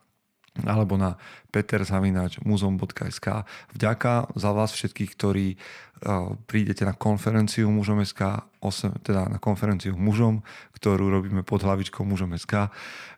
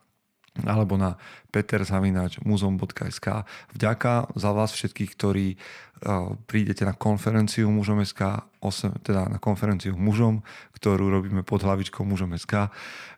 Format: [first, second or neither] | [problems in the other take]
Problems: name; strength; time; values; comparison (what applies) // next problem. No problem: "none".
neither | none